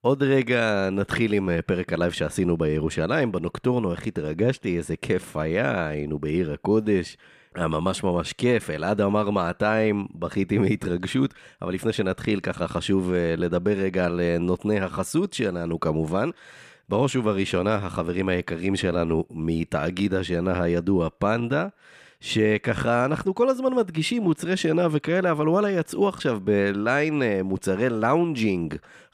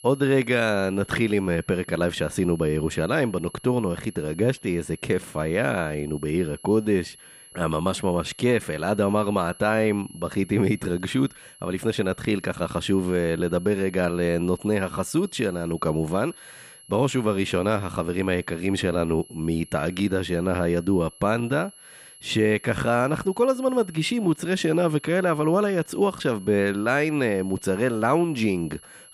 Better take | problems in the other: first | high-pitched whine; faint; throughout; 11 kHz, 20 dB below the speech

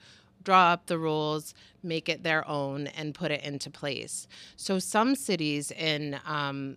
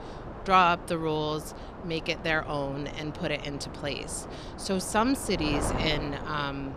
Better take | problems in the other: first | wind noise on the microphone; occasional gusts; 10 dB below the speech

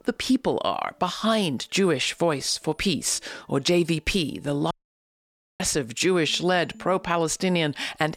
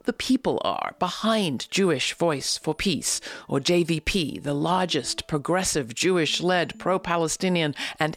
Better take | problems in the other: second | audio cutting out; at 4.5 s for 1 s

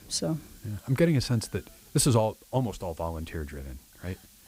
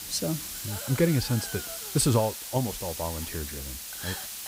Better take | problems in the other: first | hiss; loud; throughout; 6 dB below the speech; faint in the first

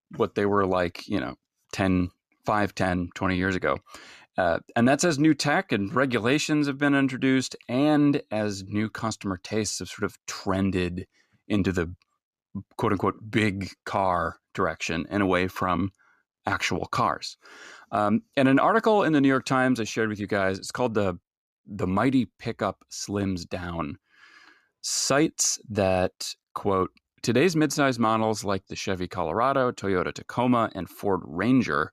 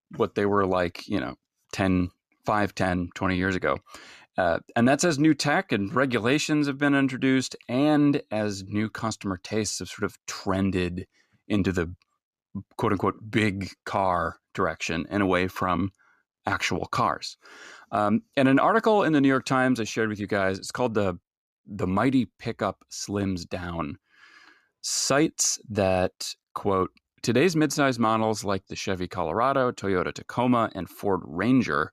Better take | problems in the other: neither | none

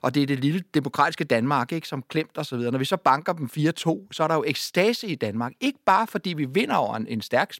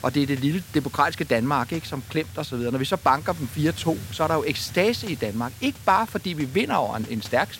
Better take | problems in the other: first | hiss; noticeable; throughout; 15 dB below the speech

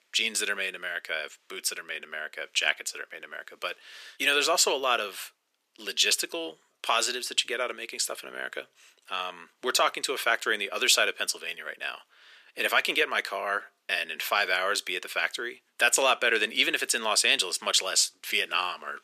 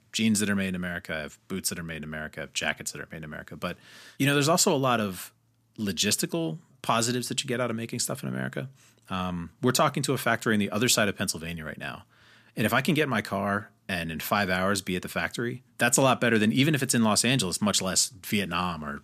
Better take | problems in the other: second | thin; very; fading below 400 Hz

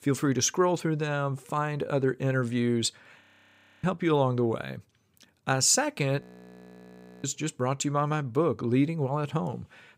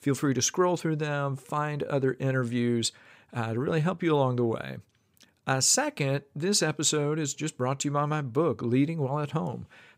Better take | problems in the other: second | audio freezing; at 3 s for 0.5 s and at 6 s for 1 s

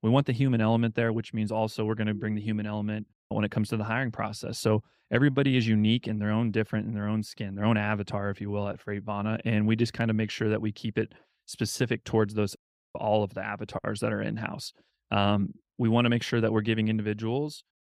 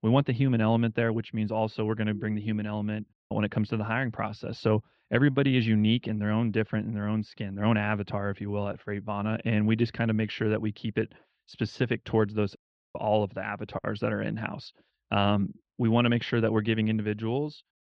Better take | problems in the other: first | muffled; slightly; fading above 4 kHz

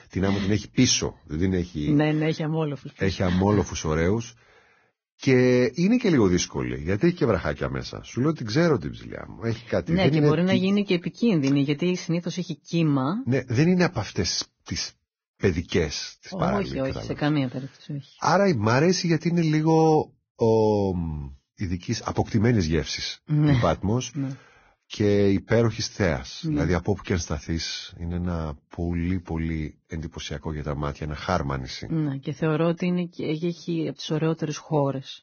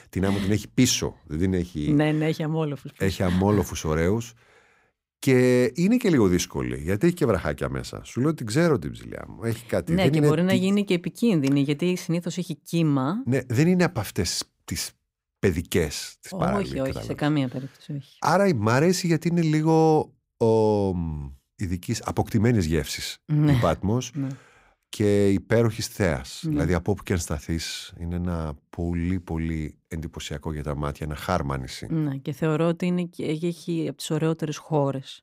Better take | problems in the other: second | garbled, watery; badly; nothing above 6.5 kHz

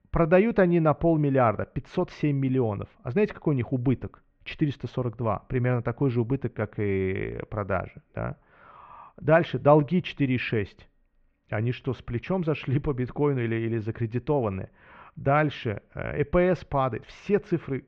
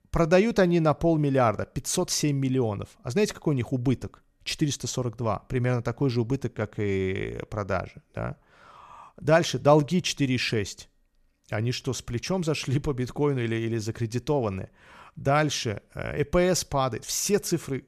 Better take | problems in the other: second | muffled; very; fading above 2.5 kHz

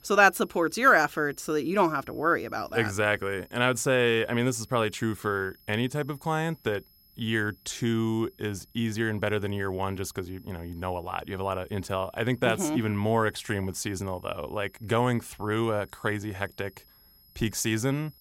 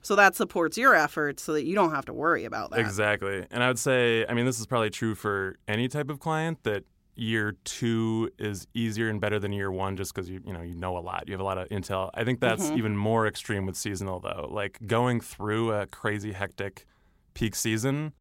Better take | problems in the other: second | high-pitched whine; faint; throughout; 11.5 kHz, 30 dB below the speech

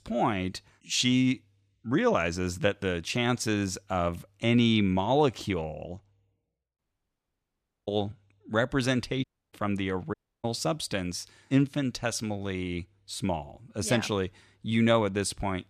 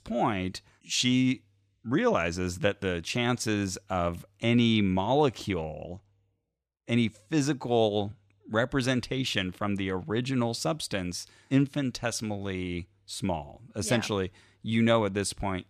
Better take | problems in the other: second | audio cutting out; at 7 s for 1 s, at 9 s and at 10 s

